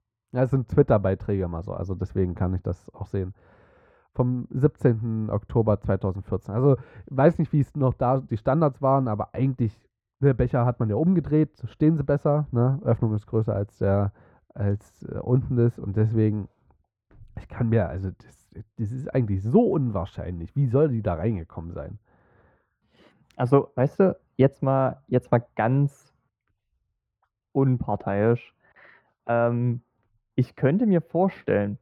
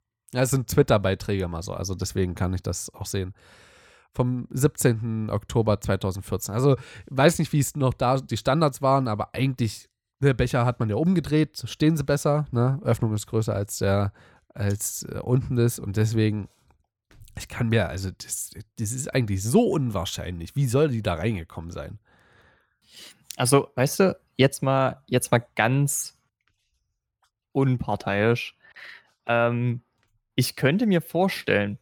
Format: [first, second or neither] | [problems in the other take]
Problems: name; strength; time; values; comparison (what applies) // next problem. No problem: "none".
second | muffled; very; fading above 3 kHz